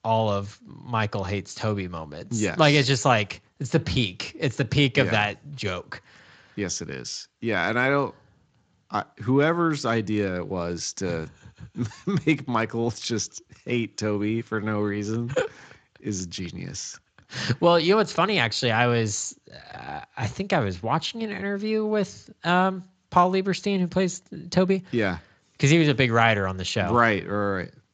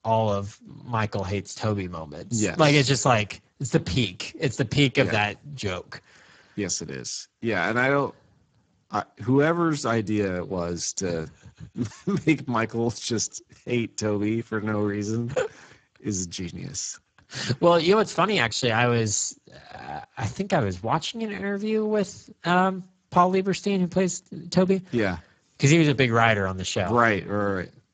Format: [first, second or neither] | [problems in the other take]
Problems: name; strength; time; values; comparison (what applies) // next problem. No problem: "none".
first | garbled, watery; badly; nothing above 7.5 kHz; slightly in the first